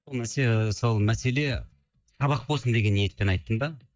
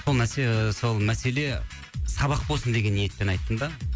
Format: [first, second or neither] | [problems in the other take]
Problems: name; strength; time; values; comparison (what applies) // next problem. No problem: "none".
second | noise reduction (neural mask model DeepFilterNet 3)